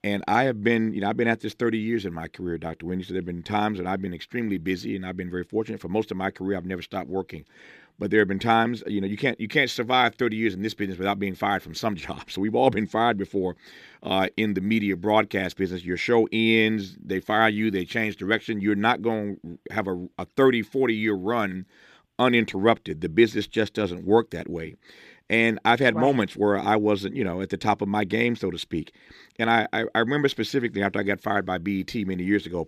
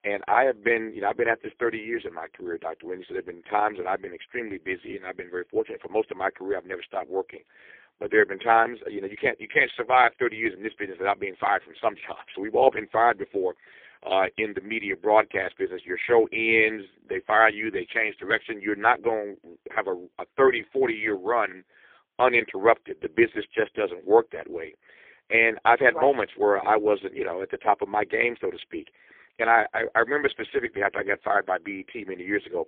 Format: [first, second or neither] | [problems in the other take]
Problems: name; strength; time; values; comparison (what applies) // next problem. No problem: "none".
first | phone-call audio; poor line